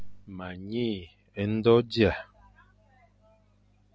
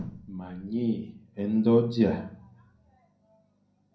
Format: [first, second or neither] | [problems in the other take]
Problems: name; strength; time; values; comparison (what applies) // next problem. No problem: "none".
first | room echo; dies away in 0.6 s